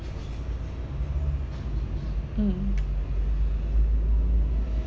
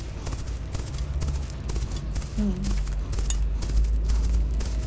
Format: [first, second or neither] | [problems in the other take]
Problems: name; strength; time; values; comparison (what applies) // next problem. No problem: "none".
first | background sound (Livestock, farm animals, working animals); 10 dB below the speech